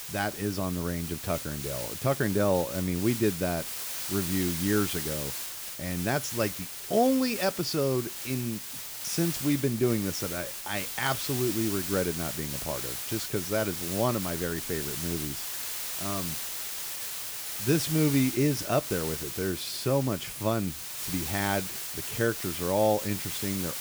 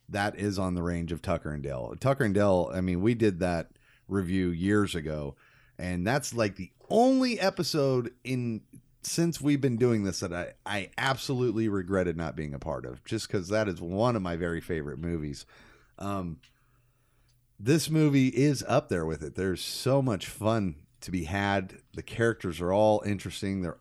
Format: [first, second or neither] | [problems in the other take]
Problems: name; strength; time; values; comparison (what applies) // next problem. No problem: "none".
second | hiss; loud; throughout; 4 dB below the speech